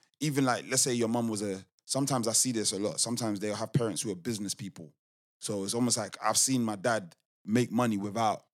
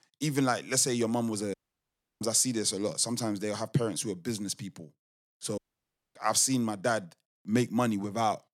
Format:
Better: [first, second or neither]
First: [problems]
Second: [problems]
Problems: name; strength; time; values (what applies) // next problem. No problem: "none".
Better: first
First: none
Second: audio cutting out; at 1.5 s for 0.5 s and at 5.5 s for 0.5 s